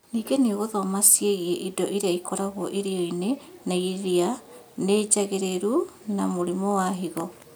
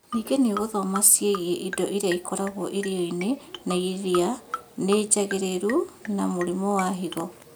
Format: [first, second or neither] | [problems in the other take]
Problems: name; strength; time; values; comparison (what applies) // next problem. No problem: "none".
first | background sound (Marimba, xylophone); 14 dB below the speech